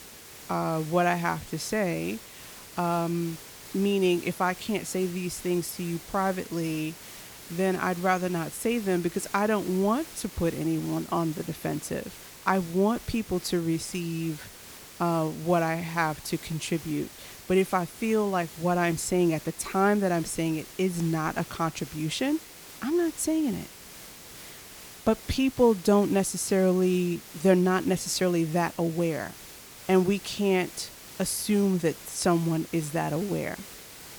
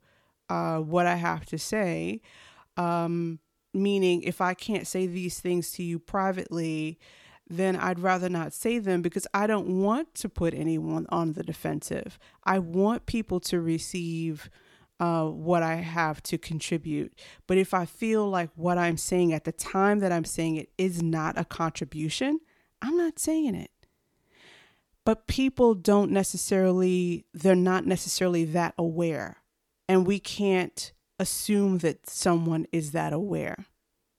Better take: second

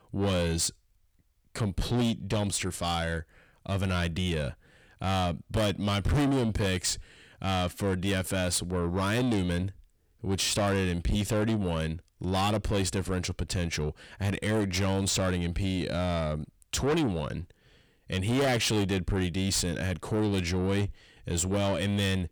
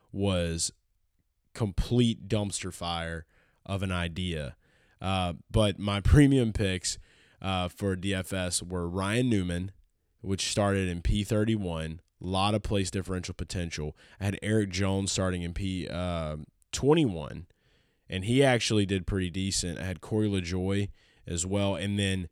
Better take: second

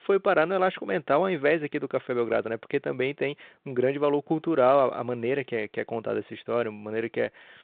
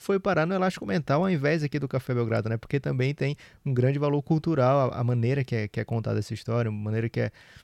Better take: second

